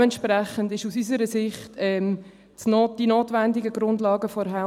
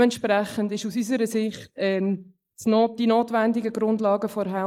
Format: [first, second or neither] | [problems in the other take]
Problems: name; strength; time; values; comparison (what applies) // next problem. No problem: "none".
first | noise reduction (neural mask model Resemble Enhance denoiser)